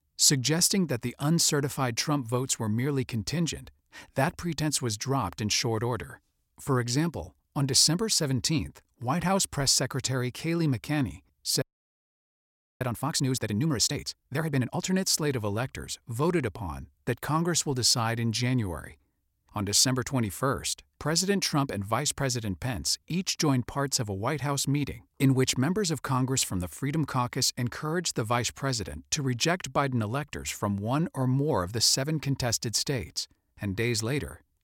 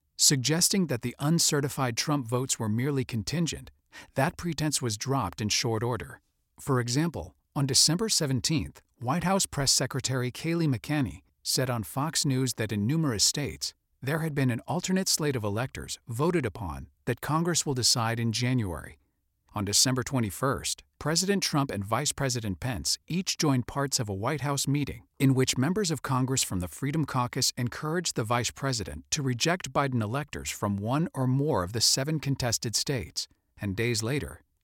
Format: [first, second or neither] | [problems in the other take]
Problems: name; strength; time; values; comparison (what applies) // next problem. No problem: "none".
second | audio freezing; at 12 s for 1 s